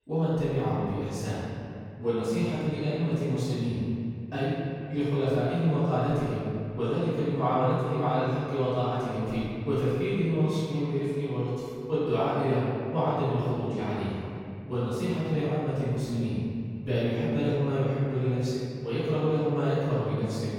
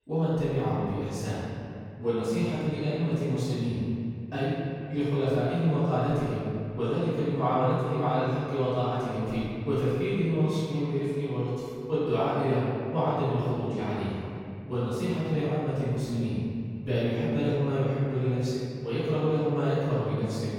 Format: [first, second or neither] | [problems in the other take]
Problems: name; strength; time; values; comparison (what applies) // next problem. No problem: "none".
neither | off-mic speech; far; the same in both // room echo; strong; dies away in 2.4 s; the same in both